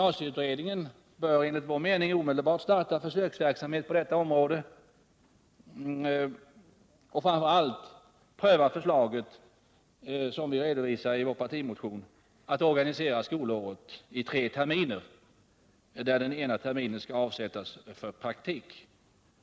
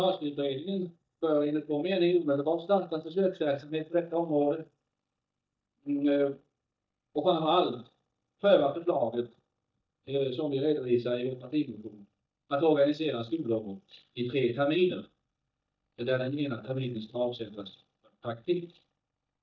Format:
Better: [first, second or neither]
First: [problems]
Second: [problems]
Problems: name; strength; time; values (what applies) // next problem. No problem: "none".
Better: first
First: none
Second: noise reduction (neural mask model DeepFilterNet 3)